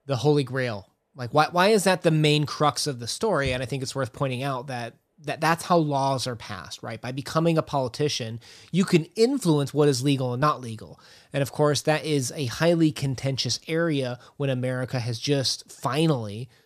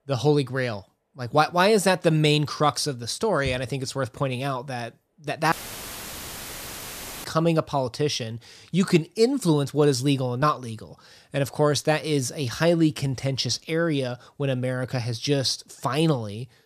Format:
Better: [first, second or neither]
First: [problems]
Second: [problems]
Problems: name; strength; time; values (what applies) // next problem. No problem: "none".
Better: first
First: none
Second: audio cutting out; filled with static; at 5.5 s for 1.5 s